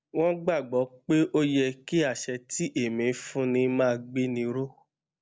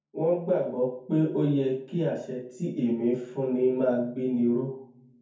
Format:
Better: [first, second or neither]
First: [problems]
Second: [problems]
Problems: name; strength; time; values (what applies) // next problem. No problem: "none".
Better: first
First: none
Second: room echo; dies away in 0.6 s